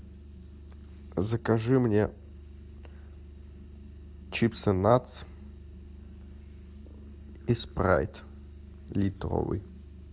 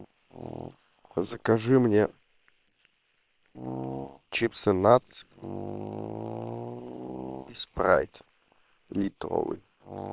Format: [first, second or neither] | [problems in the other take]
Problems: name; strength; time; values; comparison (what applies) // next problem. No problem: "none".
first | noise reduction (neural separator model SepFormer WHAM!)